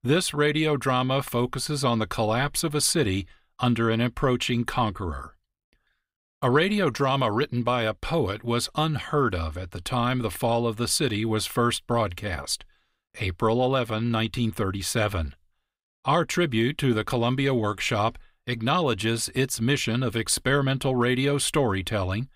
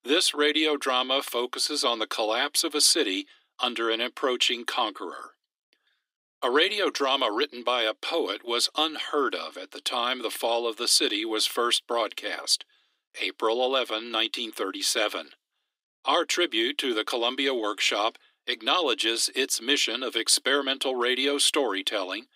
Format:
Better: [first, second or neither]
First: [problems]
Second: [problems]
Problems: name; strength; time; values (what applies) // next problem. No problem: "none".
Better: first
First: none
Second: thin; somewhat; fading below 300 Hz